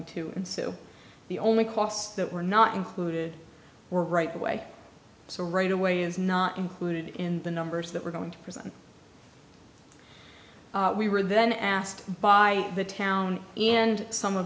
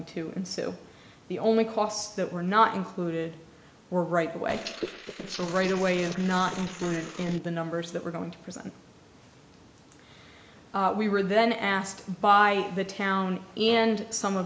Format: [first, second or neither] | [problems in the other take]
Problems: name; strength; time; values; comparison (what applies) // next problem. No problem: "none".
first | noise reduction (neural mask model Resemble Enhance denoiser)